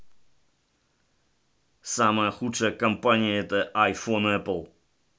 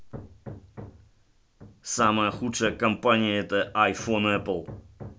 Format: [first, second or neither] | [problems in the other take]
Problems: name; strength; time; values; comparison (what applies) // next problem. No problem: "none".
first | background sound (Hammer); 17 dB below the speech